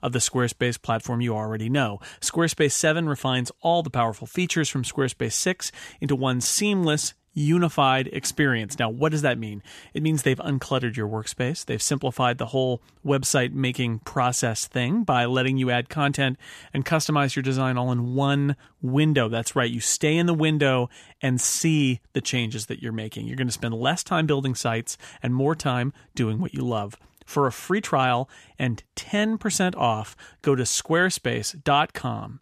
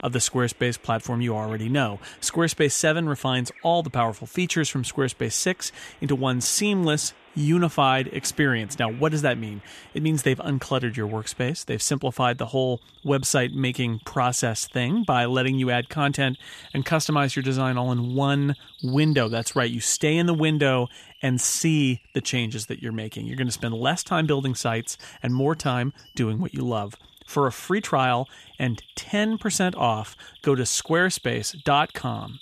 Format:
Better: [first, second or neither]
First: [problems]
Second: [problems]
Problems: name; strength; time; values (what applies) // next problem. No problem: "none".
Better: first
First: none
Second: animal sounds; faint; throughout; 25 dB below the speech